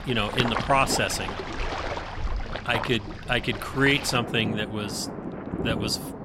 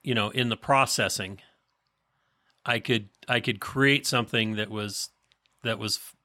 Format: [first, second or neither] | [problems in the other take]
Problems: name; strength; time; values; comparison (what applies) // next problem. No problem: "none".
second | rain or running water; loud; throughout; 7 dB below the speech